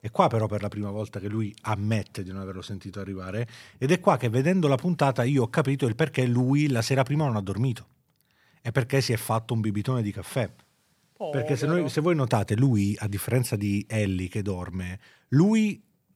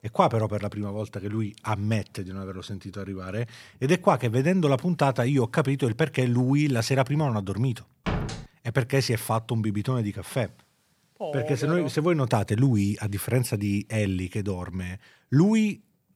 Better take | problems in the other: first | door banging; noticeable; at 8 s; peak 4 dB below the speech

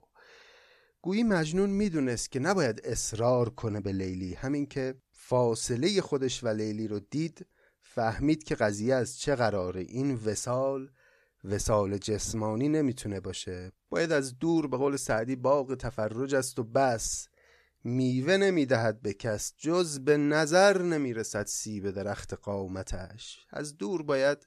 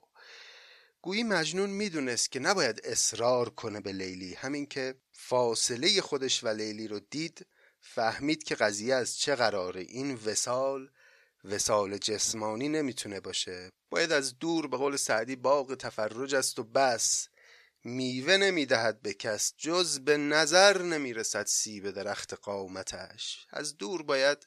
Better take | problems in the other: first | thin; very slightly; fading below 550 Hz

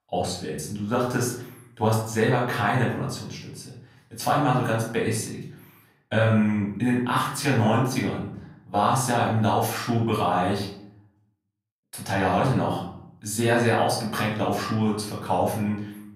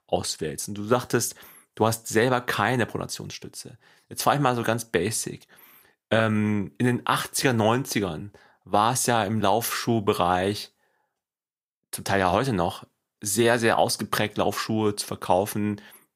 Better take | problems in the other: second | off-mic speech; far // room echo; noticeable; dies away in 0.7 s

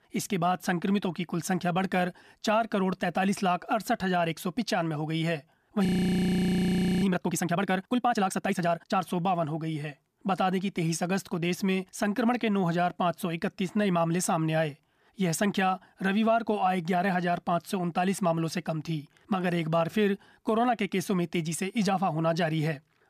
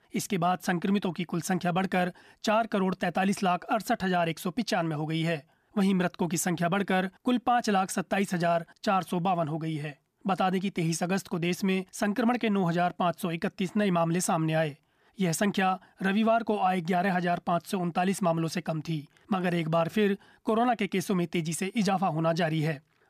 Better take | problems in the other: second | audio freezing; at 6 s for 1 s

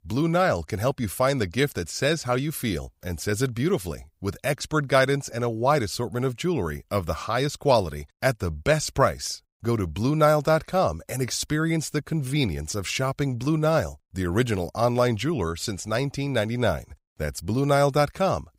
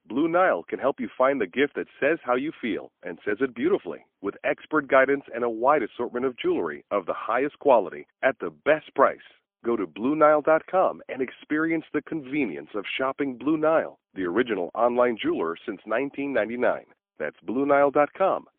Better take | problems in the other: first | phone-call audio; poor line; nothing above 3.5 kHz

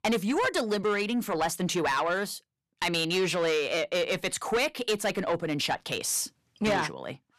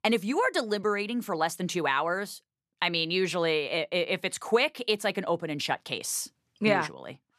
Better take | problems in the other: second | distortion; heavy; 8 dB below the speech

